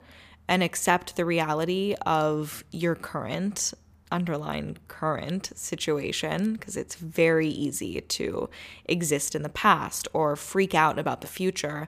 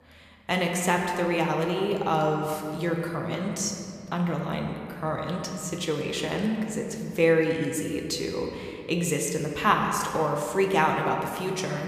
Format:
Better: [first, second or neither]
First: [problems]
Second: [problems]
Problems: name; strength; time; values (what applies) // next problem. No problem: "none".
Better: first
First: none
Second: room echo; noticeable; dies away in 2 s